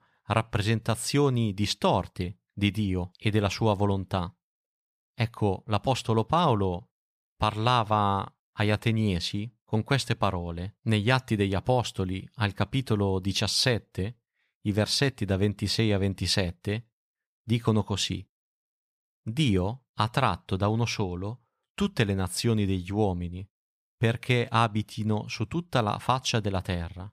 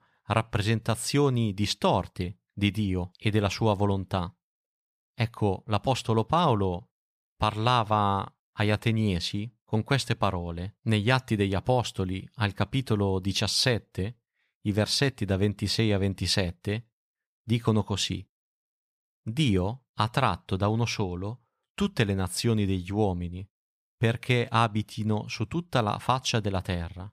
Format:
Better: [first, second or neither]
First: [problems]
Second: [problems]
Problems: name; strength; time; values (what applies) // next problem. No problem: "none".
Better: neither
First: none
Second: none